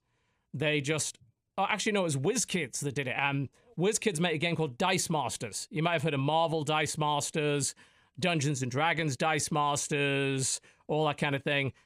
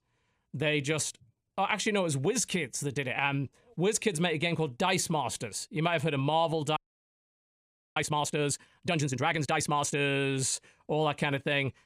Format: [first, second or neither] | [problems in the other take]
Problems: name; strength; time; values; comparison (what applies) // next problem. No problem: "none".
first | audio freezing; at 7 s for 1 s